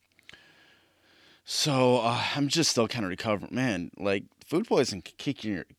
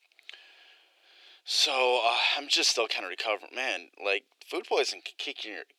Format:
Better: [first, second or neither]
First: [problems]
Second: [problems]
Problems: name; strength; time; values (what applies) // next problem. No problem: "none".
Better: first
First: none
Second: thin; very; fading below 400 Hz